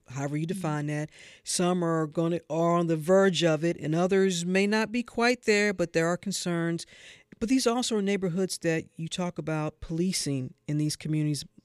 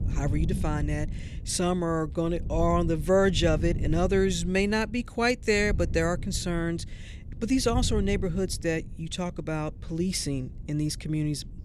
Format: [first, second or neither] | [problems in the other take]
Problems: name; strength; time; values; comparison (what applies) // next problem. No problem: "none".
first | wind noise on the microphone; occasional gusts; 20 dB below the speech